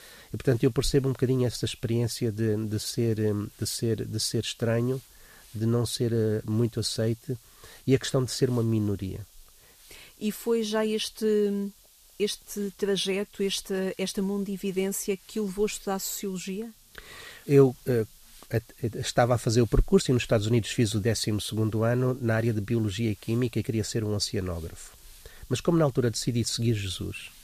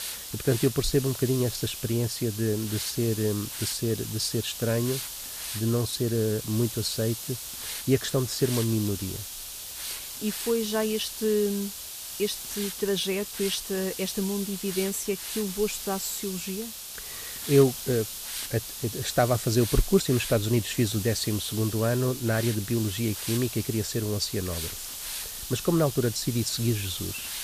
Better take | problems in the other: first | hiss; loud; throughout; 6 dB below the speech; faint in the first

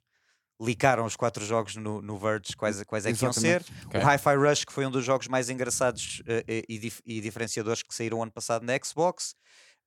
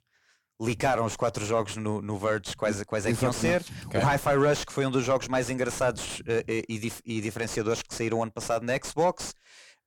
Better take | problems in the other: first | distortion; heavy; 6 dB below the speech

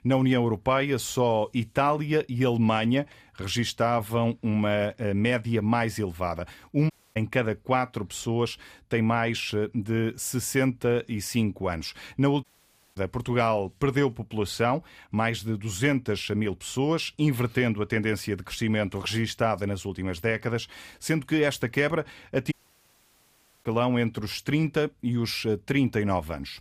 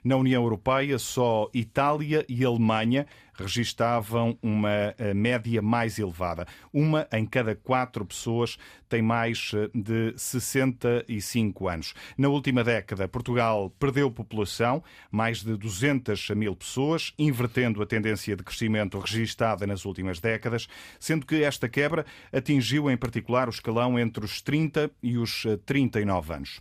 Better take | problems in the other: second | audio cutting out; at 7 s, at 12 s for 0.5 s and at 23 s for 1 s

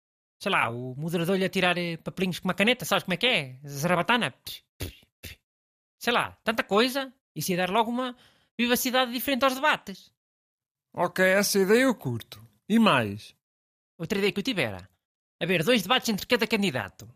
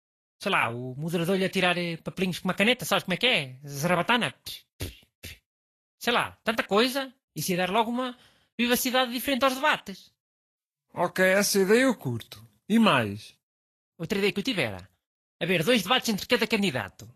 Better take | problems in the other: first | garbled, watery; slightly; nothing above 13 kHz

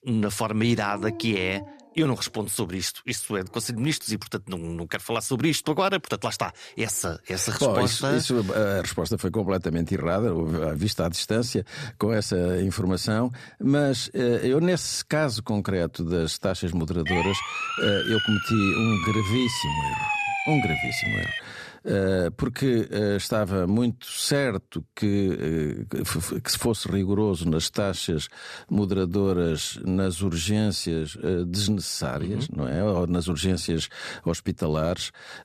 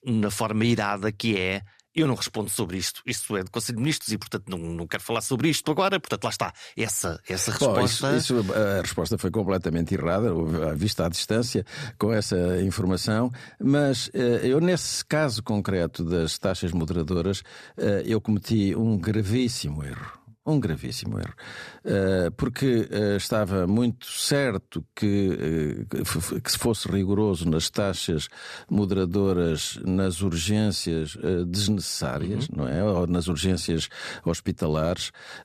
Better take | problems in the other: second | dog barking; faint; from 0.5 to 3.5 s; peak 10 dB below the speech // siren; loud; from 17 to 21 s; peak 1 dB above the speech

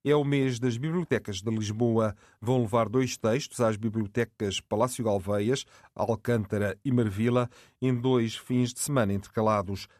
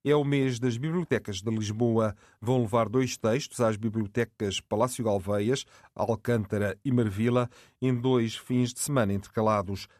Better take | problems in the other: neither | none

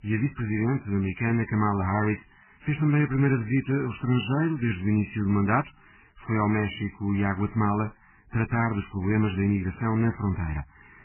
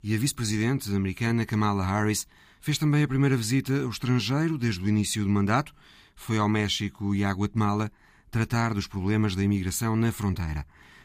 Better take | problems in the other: second | garbled, watery; badly; nothing above 3 kHz

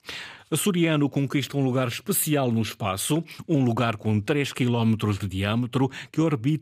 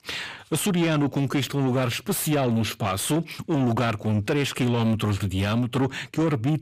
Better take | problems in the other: first | distortion; slight; 10 dB below the speech

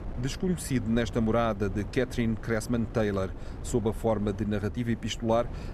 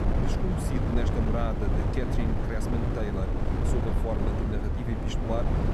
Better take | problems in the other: first | wind noise on the microphone; heavy; 1 dB above the speech; occasional gusts in the first

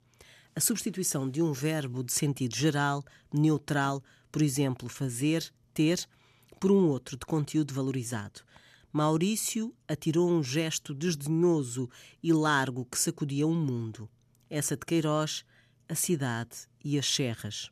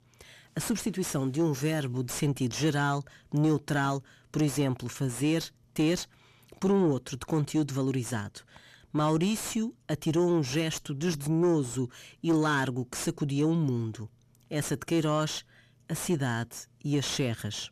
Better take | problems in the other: first | distortion; slight; 10 dB below the speech

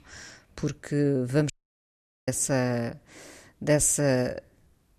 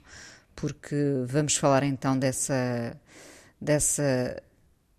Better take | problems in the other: second | audio cutting out; at 1.5 s for 1 s

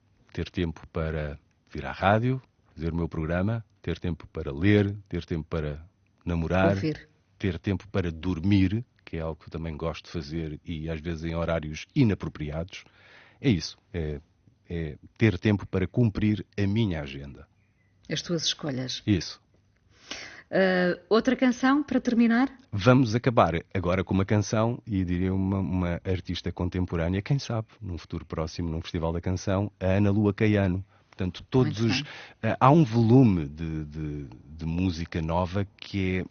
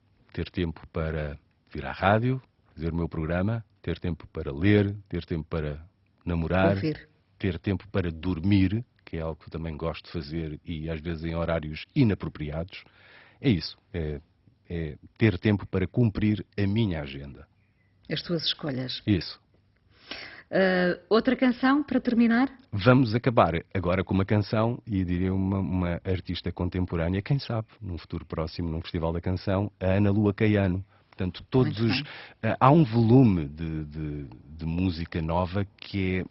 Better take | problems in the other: first | garbled, watery; badly; nothing above 5.5 kHz; slightly in the first

